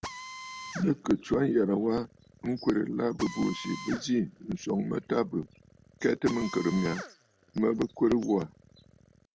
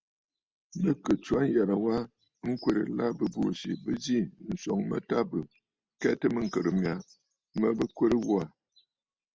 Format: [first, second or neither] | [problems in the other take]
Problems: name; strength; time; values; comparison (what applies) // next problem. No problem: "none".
second | background sound (Drill); 16 dB below the speech